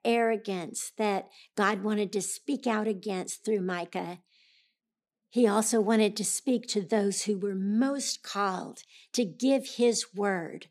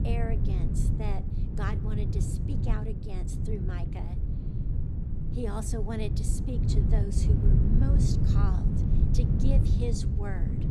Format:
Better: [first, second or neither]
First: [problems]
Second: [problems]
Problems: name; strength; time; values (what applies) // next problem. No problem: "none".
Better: first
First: none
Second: low rumble; loud; throughout; as loud as the speech